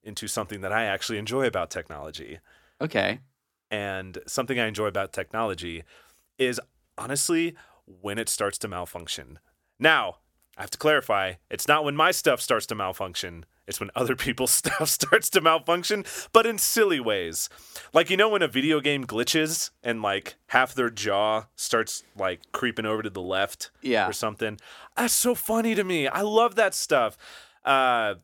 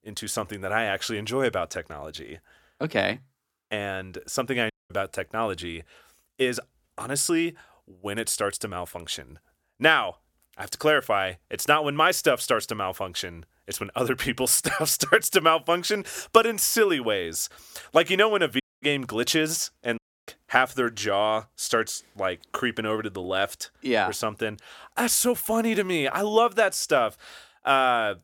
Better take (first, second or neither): first